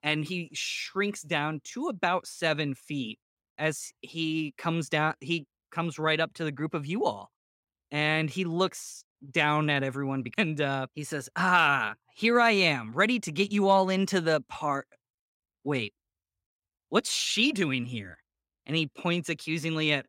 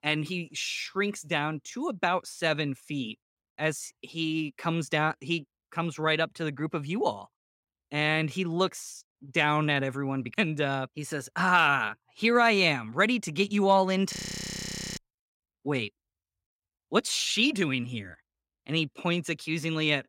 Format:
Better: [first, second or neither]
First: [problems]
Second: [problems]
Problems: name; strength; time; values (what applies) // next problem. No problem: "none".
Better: first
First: none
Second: audio freezing; at 14 s for 1 s